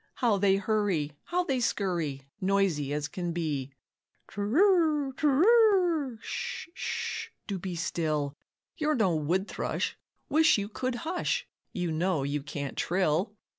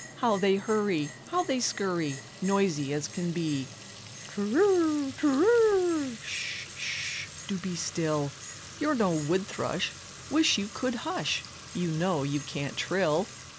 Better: first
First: none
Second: background sound (Fill (with liquid) / Trickle, dribble / Sink (filling or washing) + Bell); 15 dB below the speech

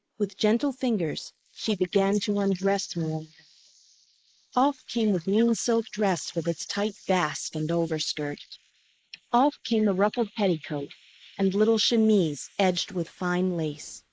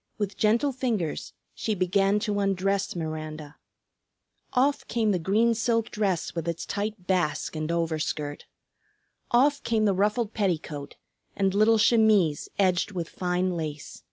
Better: second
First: noise reduction (neural mask model Resemble Enhance denoiser)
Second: none

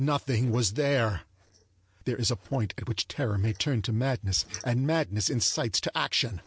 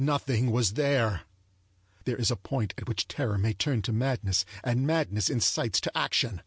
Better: second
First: noise reduction (neural separator model SepFormer DNS4)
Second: none

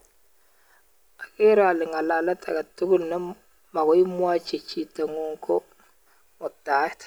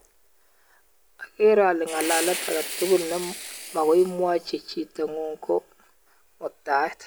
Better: first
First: none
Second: background sound (Fire); 9 dB below the speech

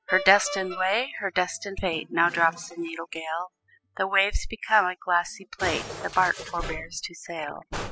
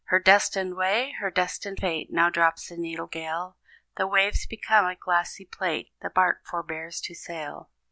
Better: second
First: noise reduction (classical method spectral subtraction)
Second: none

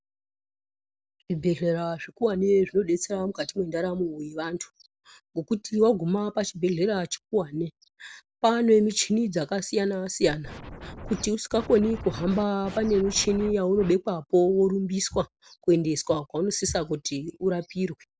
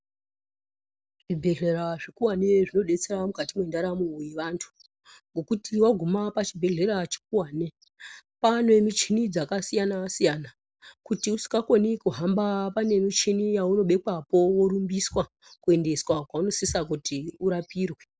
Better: second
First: background sound (Scratching (performance technique)); 13 dB below the speech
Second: none

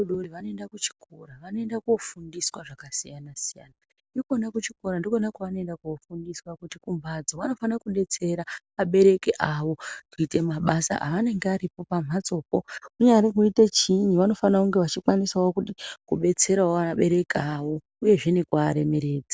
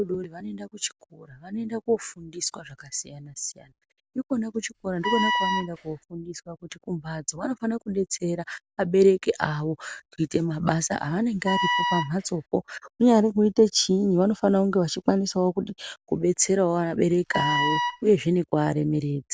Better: first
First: none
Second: background sound (Wind instrument, woodwind instrument); 2 dB below the speech

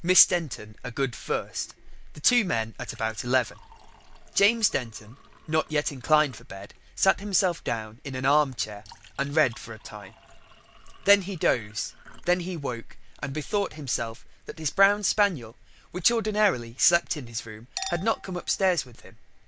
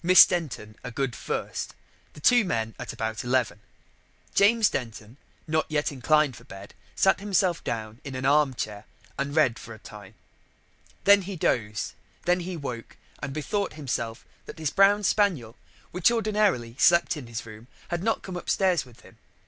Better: second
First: background sound (Chink, clink); 18 dB below the speech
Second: none

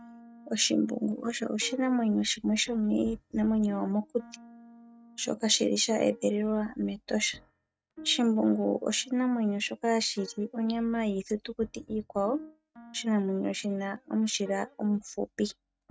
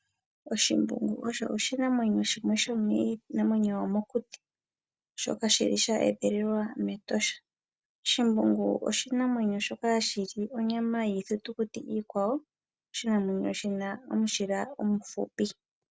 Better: second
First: noise reduction (neural mask model RNNoise)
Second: none

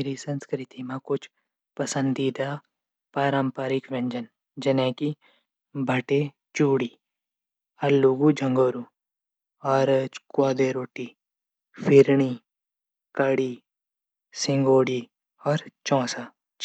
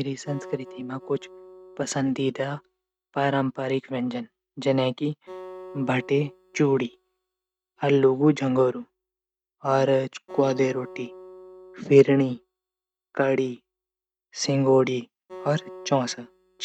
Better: first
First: none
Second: noise reduction (neural mask model RNNoise)

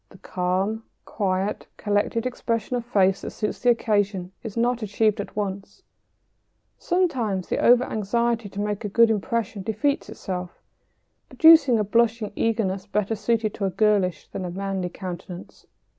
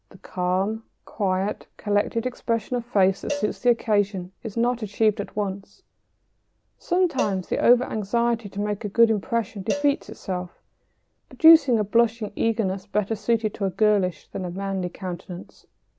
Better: first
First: none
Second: background sound (Cowbell); 14 dB below the speech

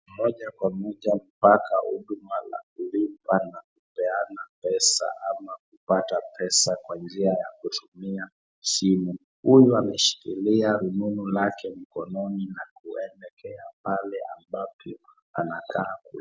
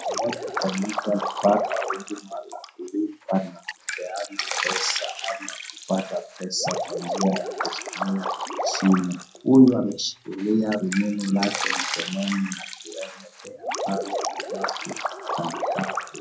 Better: first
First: none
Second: background sound (Drip); 5 dB below the speech // room echo; dies away in 0.2 s

